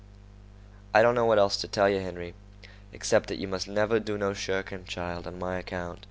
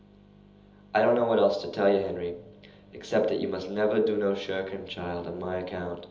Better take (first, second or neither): first